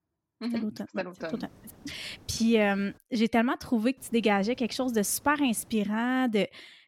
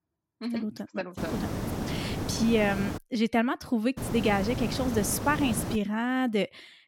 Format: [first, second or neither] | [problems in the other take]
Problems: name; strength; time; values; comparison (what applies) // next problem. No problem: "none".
first | hiss; loud; from 1 to 3 s and from 4 to 6 s; 5 dB below the speech; faint in the first